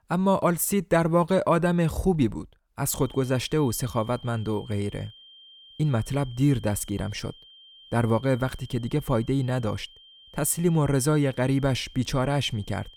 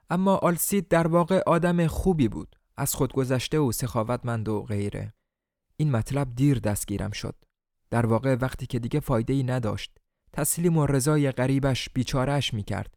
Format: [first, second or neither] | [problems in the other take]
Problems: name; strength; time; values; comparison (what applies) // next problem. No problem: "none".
second | high-pitched whine; faint; from 3 s on; 3 kHz, 25 dB below the speech